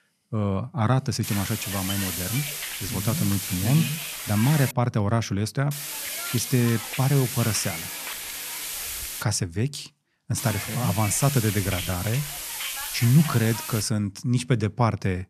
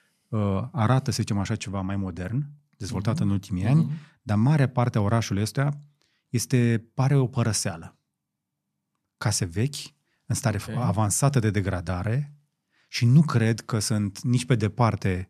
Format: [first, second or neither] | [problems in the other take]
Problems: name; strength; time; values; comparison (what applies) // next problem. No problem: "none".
second | hiss; loud; from 1 to 4.5 s, from 5.5 to 9 s and from 10 to 14 s; 5 dB below the speech